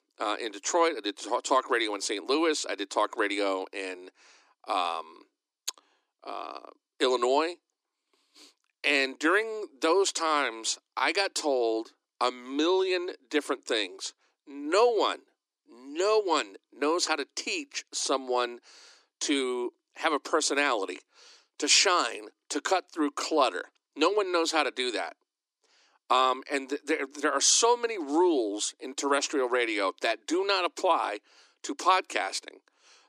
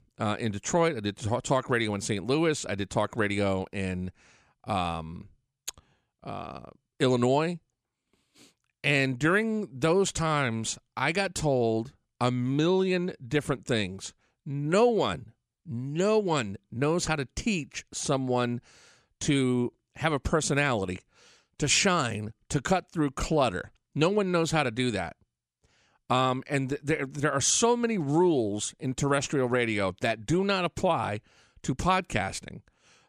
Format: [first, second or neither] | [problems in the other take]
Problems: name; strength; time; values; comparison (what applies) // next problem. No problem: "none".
second | thin; somewhat; fading below 300 Hz